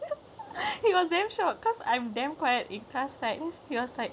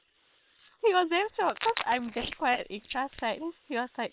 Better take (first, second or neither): first